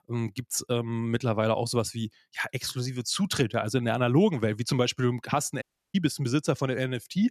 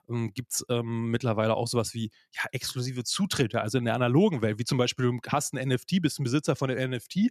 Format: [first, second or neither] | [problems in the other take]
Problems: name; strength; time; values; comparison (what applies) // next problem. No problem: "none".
second | audio cutting out; at 5.5 s